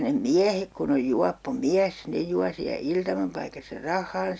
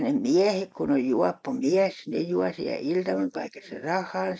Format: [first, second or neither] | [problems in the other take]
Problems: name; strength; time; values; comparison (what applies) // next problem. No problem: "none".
first | noise reduction (neural mask model Resemble Enhance denoiser)